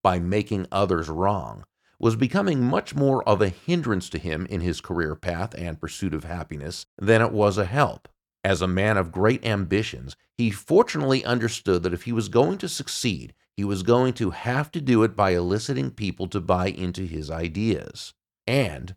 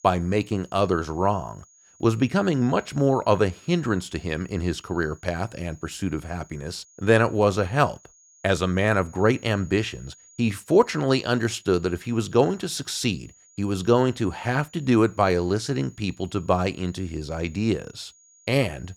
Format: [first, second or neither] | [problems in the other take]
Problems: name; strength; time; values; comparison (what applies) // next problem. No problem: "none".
first | high-pitched whine; faint; throughout; 6.5 kHz, 30 dB below the speech